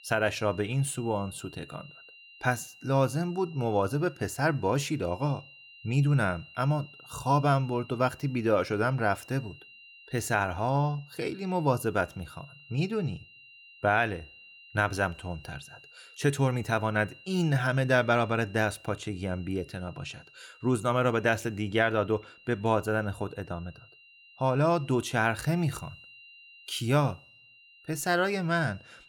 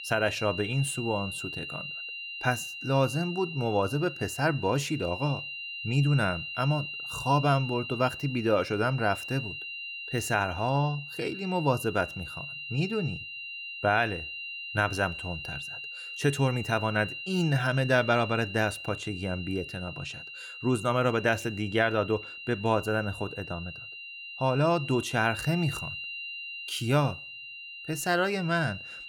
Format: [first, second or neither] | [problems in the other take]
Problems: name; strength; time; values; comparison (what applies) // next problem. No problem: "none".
first | high-pitched whine; loud; throughout; 3 kHz, 8 dB below the speech; faint in the first